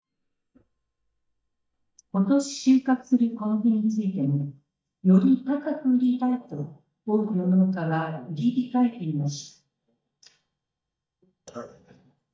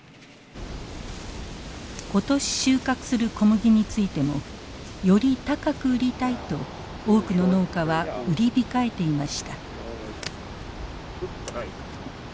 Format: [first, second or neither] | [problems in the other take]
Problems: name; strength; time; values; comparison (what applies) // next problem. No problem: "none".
second | noise reduction (neural mask model DeepFilterNet 3)